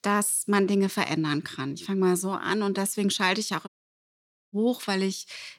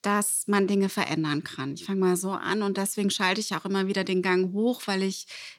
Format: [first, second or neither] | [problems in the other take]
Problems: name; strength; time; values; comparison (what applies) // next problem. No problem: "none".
second | audio cutting out; at 3.5 s for 1 s